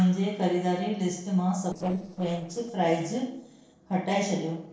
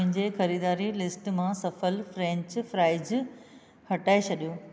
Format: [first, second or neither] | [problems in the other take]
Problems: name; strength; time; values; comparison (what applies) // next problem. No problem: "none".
second | noise reduction (neural separator model SepFormer DNS4)